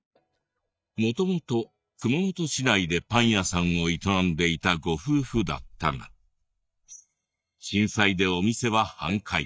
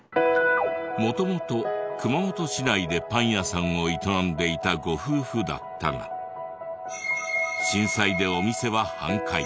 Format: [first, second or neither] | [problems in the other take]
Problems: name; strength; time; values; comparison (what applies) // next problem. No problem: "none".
second | noise reduction (neural mask model DeepFilterNet 3)